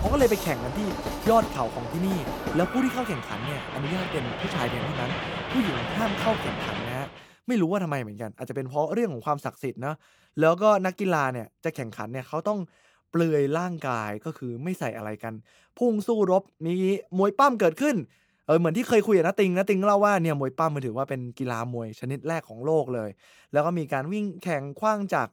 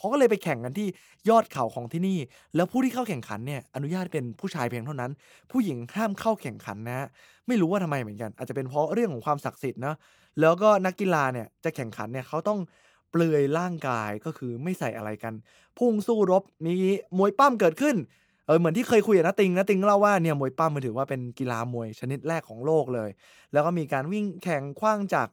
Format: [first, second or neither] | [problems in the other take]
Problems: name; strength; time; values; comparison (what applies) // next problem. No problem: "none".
second | train or aircraft noise; loud; until 7 s; 5 dB below the speech